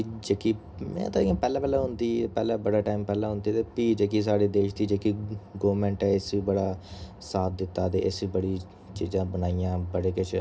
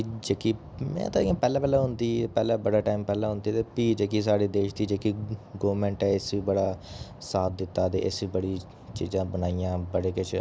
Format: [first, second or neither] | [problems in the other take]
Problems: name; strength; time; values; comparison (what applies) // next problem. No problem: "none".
second | room echo; dies away in 0.3 s